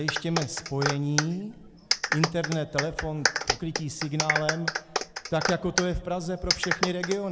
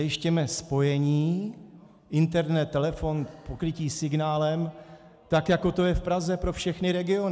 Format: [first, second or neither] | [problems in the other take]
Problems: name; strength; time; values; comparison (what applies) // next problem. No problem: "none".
second | background sound (Clapping); 1 dB below the speech